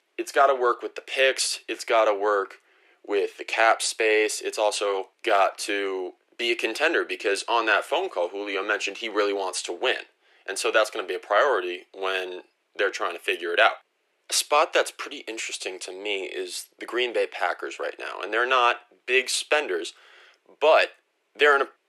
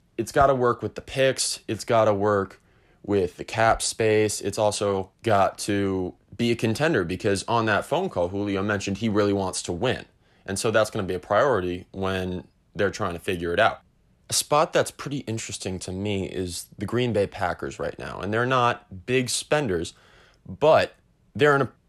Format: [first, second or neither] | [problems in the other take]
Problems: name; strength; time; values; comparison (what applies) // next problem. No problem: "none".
second | thin; very; fading below 350 Hz